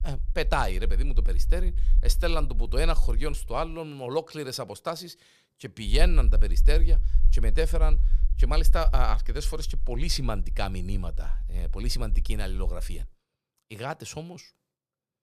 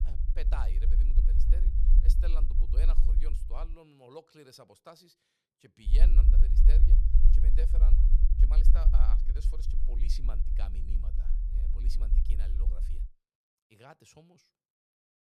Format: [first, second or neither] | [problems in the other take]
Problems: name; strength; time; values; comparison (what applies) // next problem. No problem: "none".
first | low rumble; loud; until 3.5 s and from 6 to 13 s; 2 dB below the speech; faint in the first